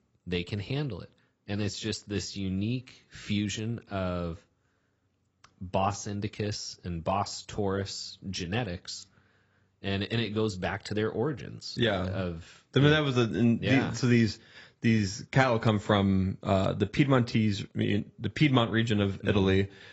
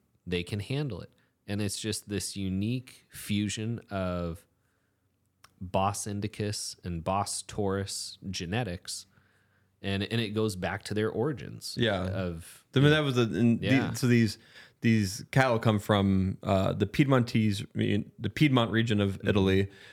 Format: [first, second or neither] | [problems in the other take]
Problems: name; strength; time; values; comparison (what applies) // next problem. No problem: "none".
second | garbled, watery; badly; nothing above 8 kHz